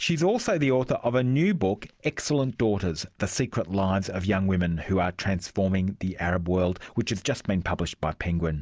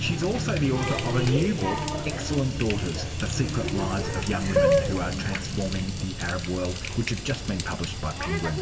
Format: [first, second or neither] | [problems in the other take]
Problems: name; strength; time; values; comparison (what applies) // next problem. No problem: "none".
first | background sound (Water tap, faucet); as loud as the speech // room echo; dies away in 1.7 s